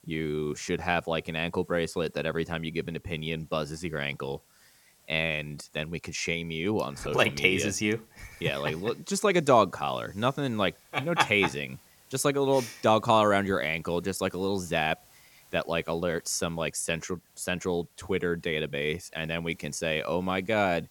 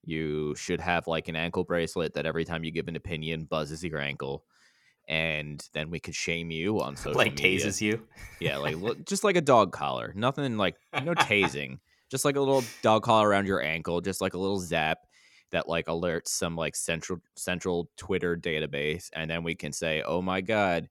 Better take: second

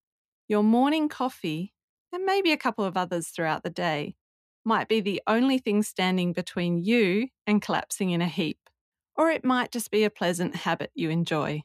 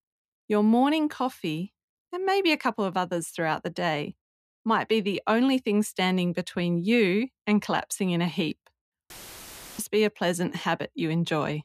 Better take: first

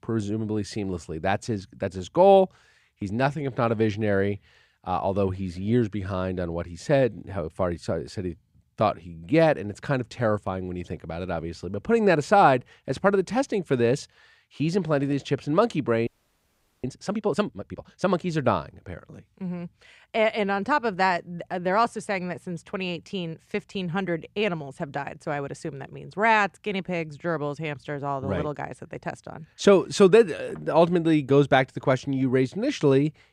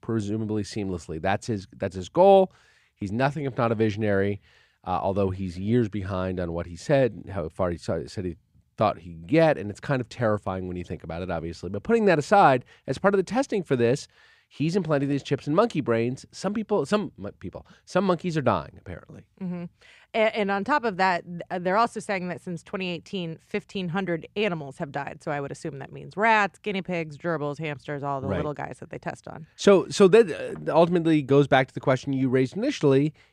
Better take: second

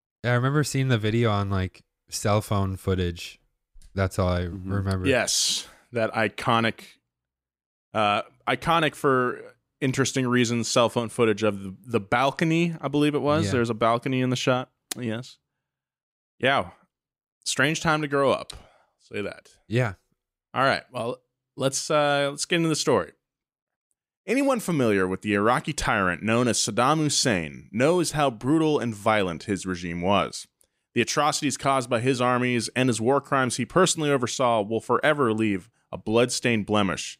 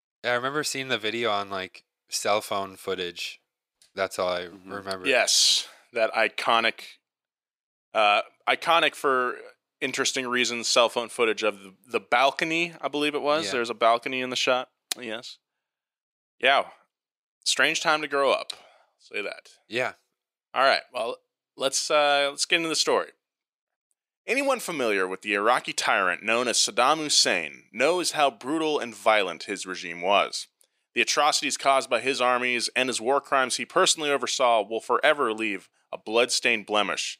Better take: first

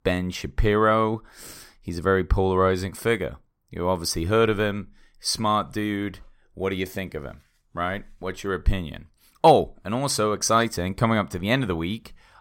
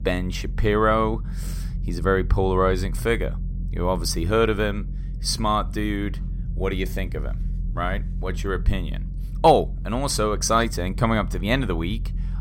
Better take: first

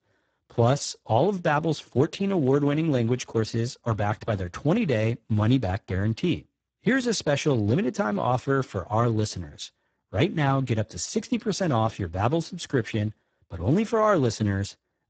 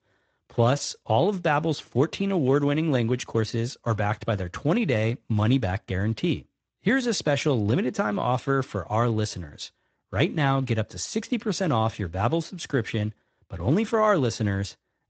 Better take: second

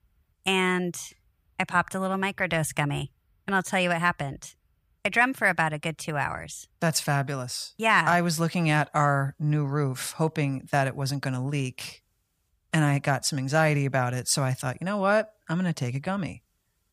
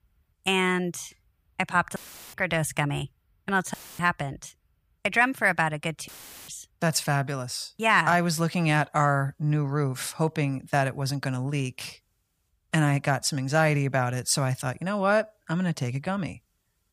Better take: first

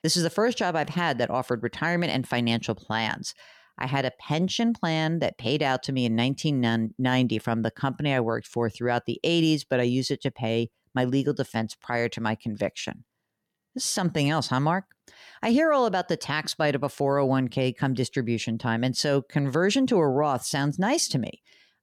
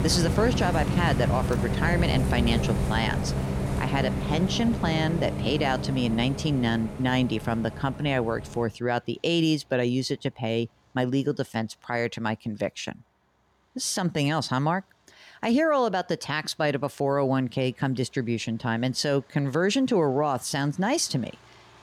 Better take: first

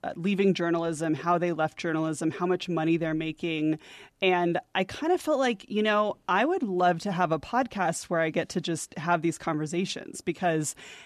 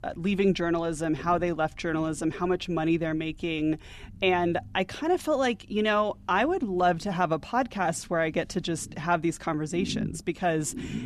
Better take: first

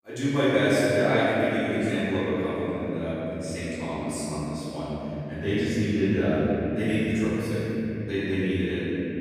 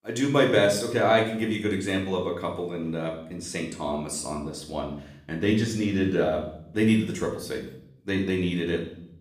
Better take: second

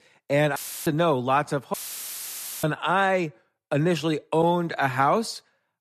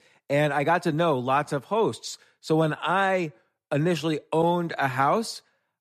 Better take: second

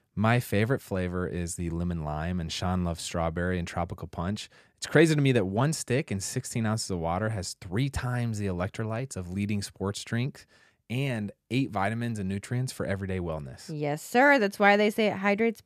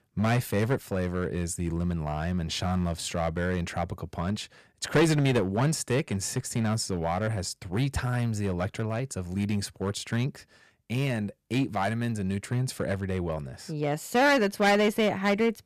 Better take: first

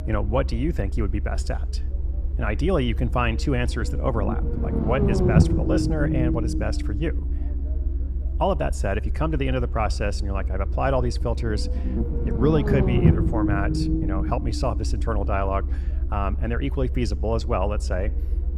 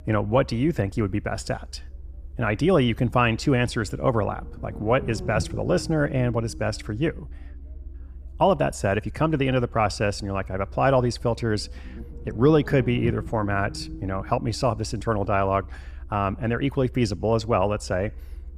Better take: second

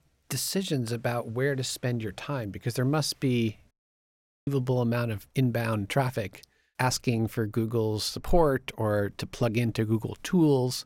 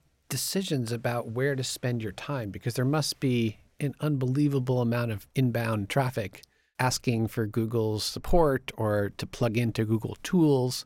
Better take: second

